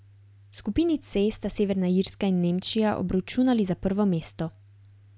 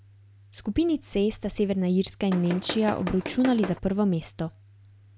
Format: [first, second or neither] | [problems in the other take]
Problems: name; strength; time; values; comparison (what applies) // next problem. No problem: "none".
first | background sound (Tools); 9 dB below the speech